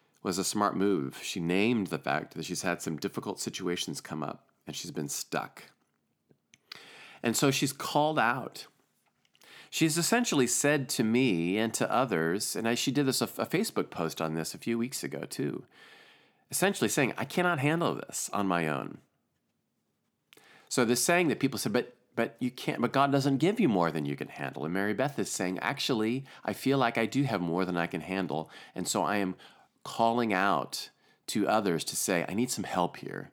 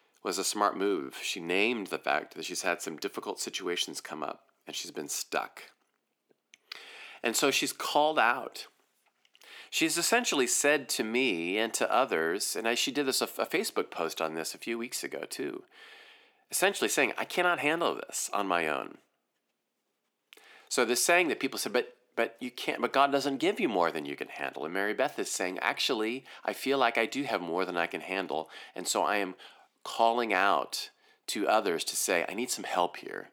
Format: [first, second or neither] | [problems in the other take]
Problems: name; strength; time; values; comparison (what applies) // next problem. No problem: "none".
first | thin; somewhat; fading below 450 Hz